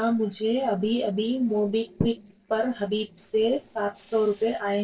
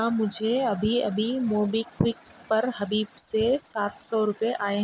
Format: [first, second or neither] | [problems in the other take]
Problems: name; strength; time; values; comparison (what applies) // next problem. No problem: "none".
second | noise reduction (neural separator model SepFormer DNS4)